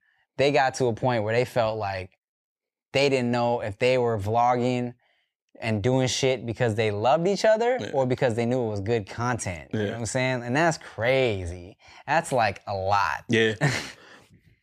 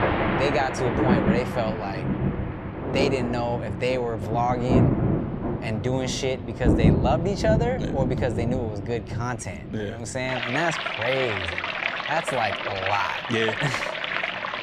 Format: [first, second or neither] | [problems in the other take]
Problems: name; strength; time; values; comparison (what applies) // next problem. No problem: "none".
first | rain or running water; very loud; throughout; 1 dB above the speech